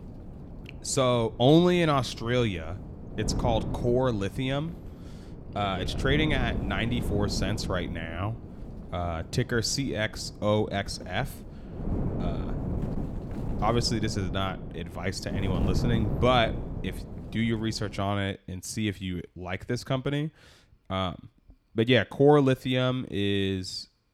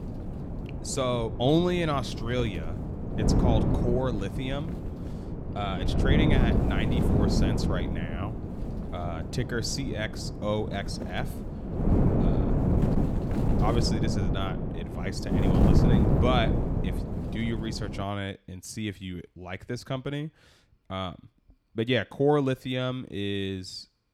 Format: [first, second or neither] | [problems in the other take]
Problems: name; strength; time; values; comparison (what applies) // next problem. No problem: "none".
first | wind noise on the microphone; heavy; until 18 s; 3 dB below the speech; occasional gusts in the first